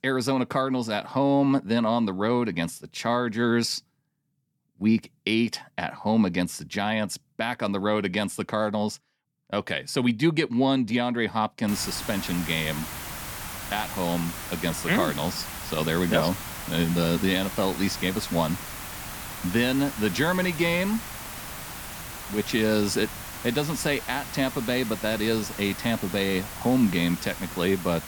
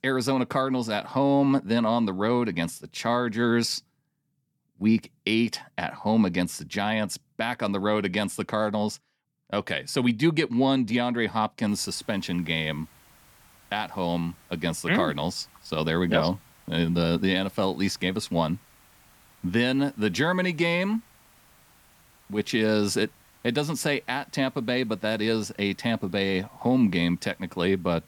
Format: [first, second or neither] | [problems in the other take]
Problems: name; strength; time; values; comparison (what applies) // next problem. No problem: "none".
second | hiss; loud; from 12 s on; 9 dB below the speech; faint in the second